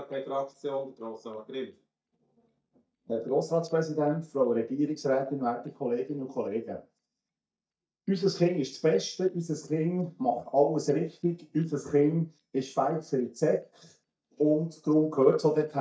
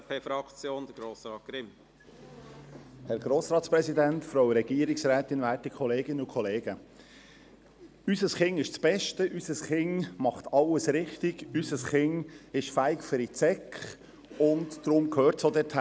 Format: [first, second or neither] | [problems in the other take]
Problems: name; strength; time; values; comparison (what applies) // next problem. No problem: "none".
second | noise reduction (neural mask model DeepFilterNet 3)